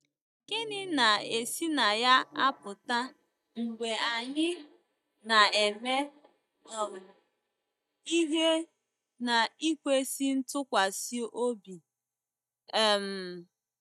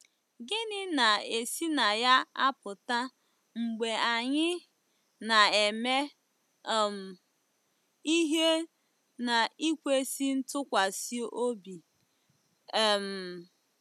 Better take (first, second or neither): second